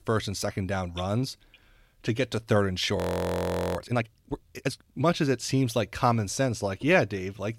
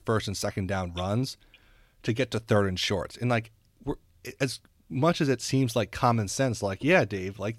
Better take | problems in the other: second | audio freezing; at 3 s for 1 s

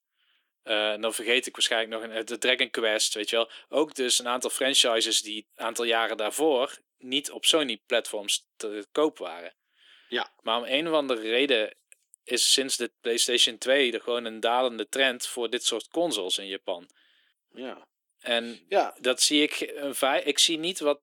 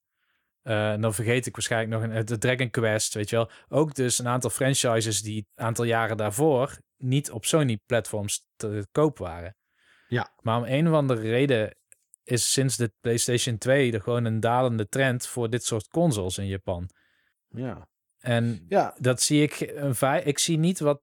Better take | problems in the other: second | thin; somewhat; fading below 300 Hz

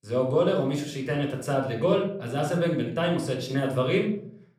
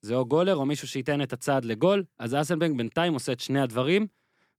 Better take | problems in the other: second | off-mic speech; somewhat distant // room echo; noticeable; dies away in 0.5 s

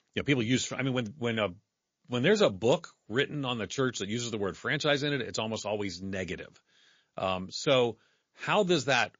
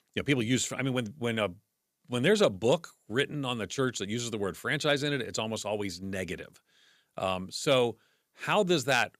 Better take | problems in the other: second | garbled, watery; slightly

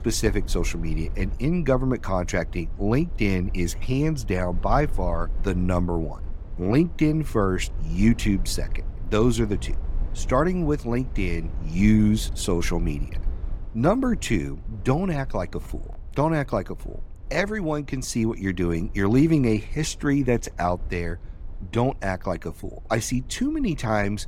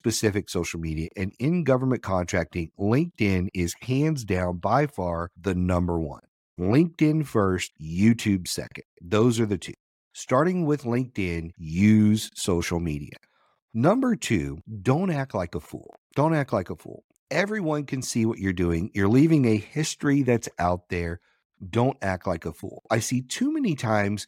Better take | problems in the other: second | low rumble; faint; throughout; 25 dB below the speech

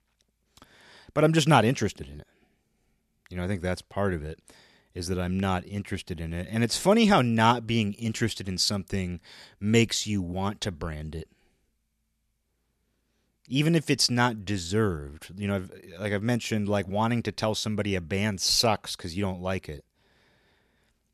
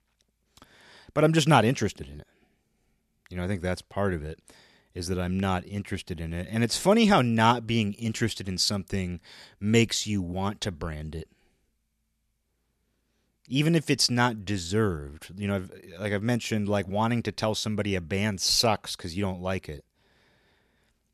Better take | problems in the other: neither | none

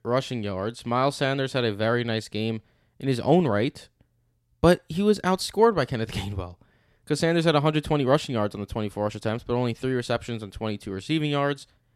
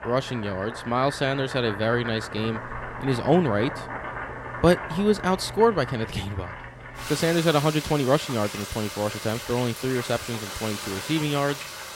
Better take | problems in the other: first | household noises; loud; throughout; 9 dB below the speech

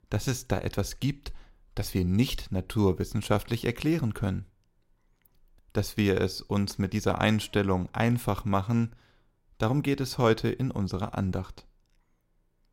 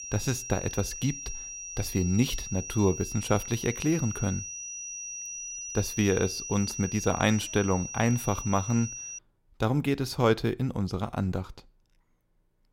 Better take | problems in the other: first | high-pitched whine; loud; until 9 s; 6 kHz, 8 dB below the speech

